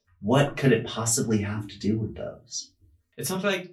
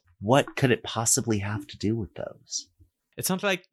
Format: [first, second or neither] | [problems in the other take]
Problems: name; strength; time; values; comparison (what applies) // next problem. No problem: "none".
second | off-mic speech; far // room echo; very slight; dies away in 0.2 s